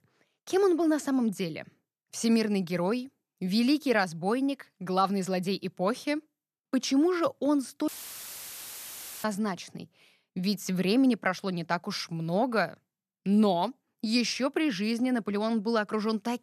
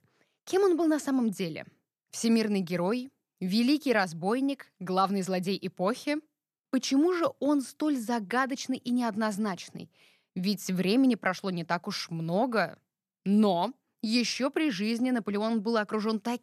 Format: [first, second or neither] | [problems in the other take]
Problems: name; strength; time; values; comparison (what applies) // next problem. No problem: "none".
second | audio cutting out; filled with static; at 8 s for 1.5 s